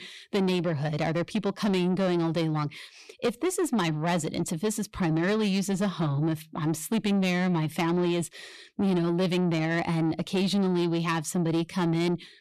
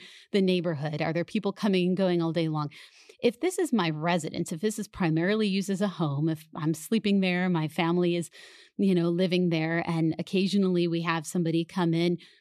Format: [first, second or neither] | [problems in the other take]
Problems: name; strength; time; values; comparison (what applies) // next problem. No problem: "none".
second | distortion; slight; 10 dB below the speech